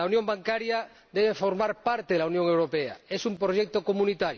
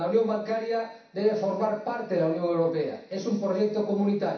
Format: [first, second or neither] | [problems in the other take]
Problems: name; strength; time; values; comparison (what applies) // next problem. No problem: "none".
first | room echo; dies away in 0.7 s